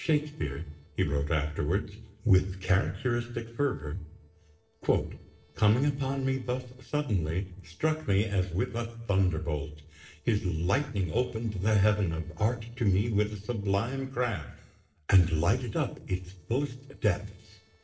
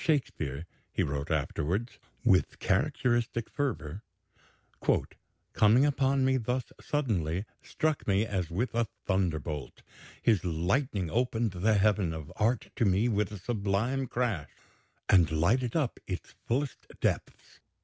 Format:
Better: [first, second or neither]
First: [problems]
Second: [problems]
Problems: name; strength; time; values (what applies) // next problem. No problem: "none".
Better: second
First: noise reduction (neural separator model SepFormer DNS4)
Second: none